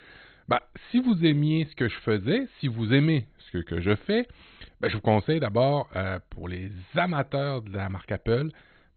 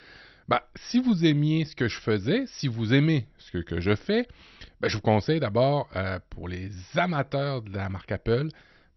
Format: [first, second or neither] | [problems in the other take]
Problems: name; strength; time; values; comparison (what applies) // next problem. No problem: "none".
second | garbled, watery; badly; nothing above 4 kHz; slightly in the second